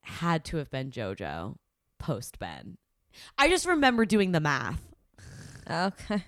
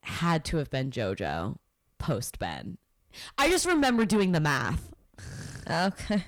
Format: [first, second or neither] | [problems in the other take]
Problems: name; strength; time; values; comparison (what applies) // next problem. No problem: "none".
first | distortion; heavy; 8 dB below the speech